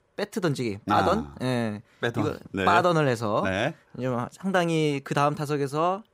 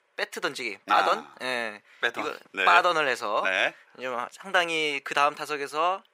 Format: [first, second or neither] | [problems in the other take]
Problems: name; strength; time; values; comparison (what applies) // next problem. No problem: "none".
first | thin; very; fading below 550 Hz